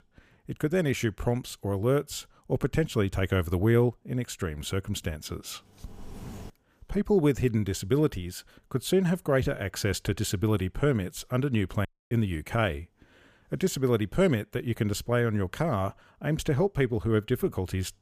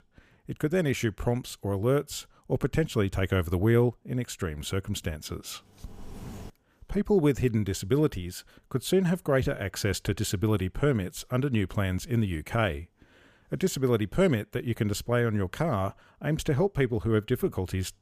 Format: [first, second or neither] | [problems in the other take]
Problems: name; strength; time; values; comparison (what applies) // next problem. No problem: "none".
second | audio cutting out; at 12 s